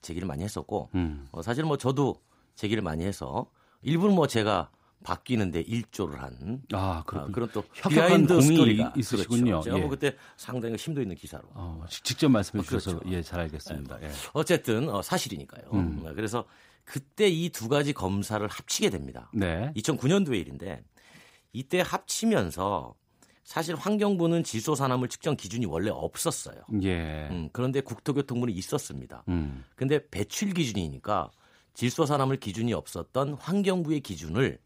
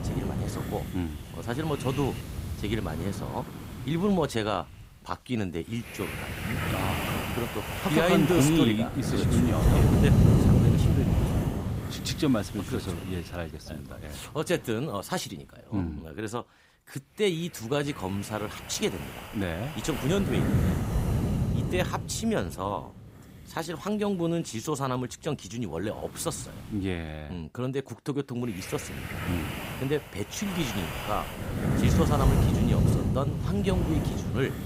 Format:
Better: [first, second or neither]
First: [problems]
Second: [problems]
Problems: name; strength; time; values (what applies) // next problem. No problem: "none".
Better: first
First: none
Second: wind noise on the microphone; heavy; 3 dB below the speech